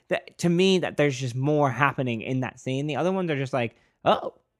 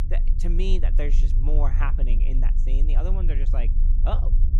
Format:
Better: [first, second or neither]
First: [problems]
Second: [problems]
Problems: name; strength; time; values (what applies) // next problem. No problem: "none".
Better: first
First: none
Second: low rumble; loud; throughout; 9 dB below the speech